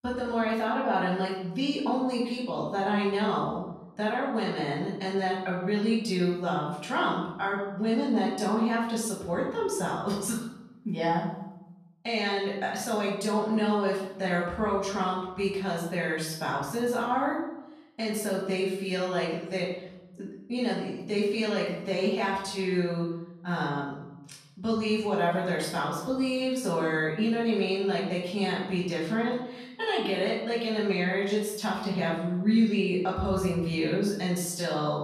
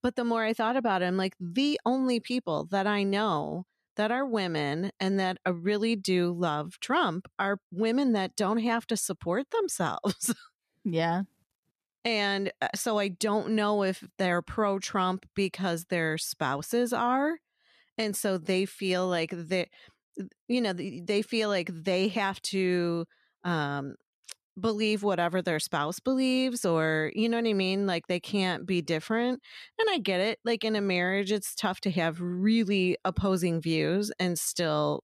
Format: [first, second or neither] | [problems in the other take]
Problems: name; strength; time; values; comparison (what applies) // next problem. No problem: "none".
second | off-mic speech; far // room echo; noticeable; dies away in 0.8 s